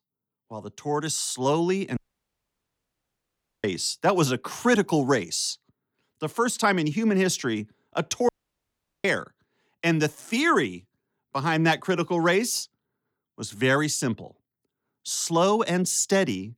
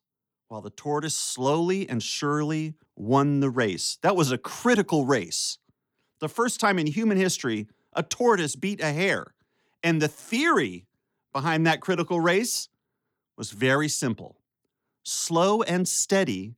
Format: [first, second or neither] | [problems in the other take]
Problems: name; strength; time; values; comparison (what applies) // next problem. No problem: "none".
second | audio cutting out; at 2 s for 1.5 s and at 8.5 s for 1 s